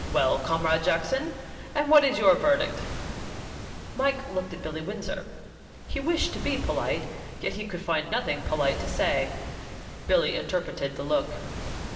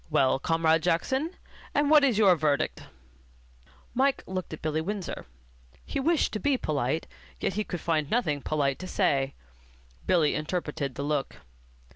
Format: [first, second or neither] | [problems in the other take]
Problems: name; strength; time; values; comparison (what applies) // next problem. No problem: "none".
second | background sound (Waves, surf); 10 dB below the speech // room echo; dies away in 2.2 s